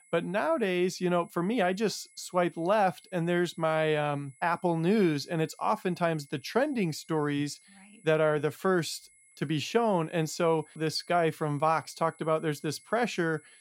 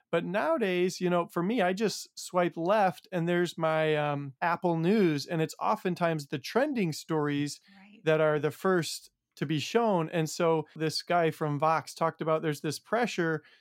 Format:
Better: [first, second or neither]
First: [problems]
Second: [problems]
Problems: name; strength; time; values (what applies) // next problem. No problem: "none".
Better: second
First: high-pitched whine; faint; throughout; 10.5 kHz, 30 dB below the speech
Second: none